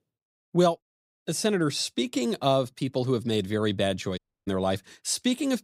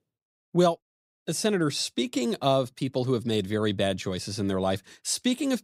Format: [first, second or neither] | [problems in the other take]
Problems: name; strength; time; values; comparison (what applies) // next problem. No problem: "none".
second | audio cutting out; at 4 s